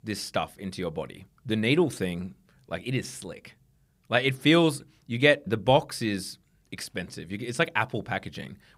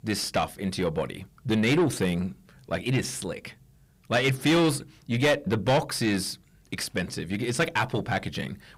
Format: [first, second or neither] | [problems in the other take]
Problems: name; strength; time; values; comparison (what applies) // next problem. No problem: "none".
first | distortion; heavy; 6 dB below the speech